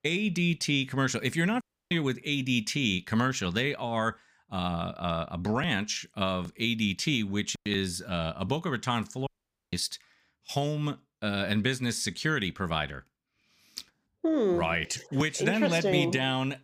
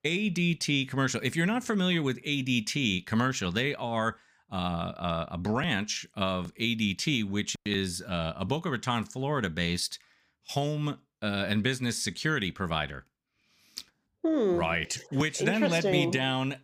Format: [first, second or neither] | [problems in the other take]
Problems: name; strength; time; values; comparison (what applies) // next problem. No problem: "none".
second | audio cutting out; at 1.5 s and at 9.5 s